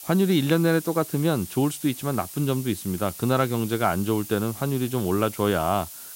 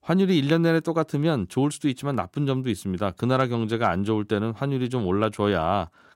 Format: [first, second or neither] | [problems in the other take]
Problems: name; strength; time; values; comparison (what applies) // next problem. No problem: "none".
second | hiss; noticeable; throughout; 15 dB below the speech